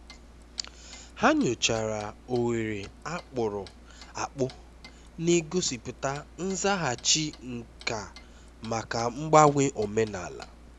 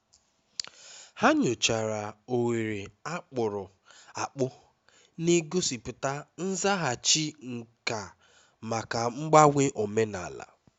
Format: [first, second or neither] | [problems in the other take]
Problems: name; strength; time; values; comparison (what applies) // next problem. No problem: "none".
second | background sound (Clock); 20 dB below the speech